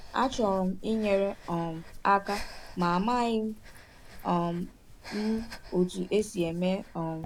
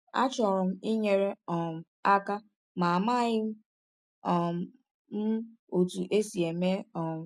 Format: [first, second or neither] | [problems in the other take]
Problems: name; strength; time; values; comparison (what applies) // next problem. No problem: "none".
second | background sound (Breathing); 14 dB below the speech